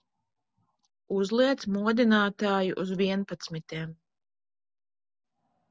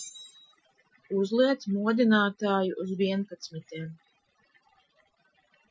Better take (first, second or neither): first